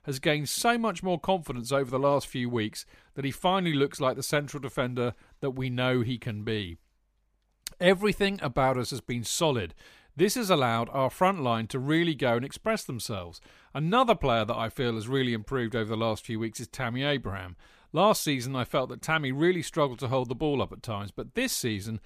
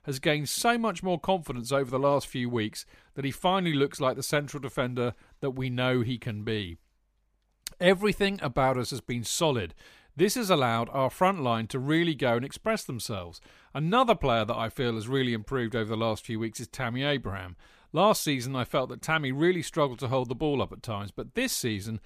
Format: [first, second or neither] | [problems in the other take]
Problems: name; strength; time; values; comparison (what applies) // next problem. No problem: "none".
neither | none